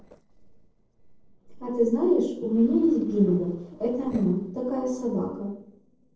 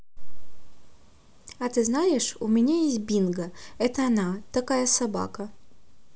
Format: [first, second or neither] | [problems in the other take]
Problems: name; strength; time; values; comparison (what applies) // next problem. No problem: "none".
second | noise reduction (neural separator model SepFormer DNS4)